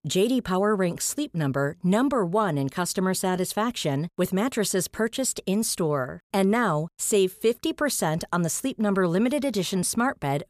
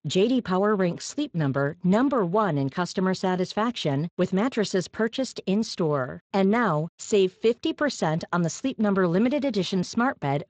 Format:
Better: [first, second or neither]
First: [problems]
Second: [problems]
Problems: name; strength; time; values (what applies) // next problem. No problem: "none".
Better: first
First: none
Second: garbled, watery; slightly; nothing above 7.5 kHz